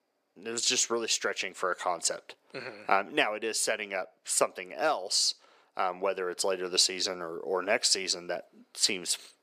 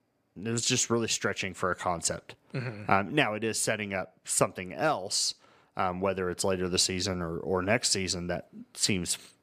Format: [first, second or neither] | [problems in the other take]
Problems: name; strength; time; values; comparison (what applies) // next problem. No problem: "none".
second | thin; somewhat; fading below 450 Hz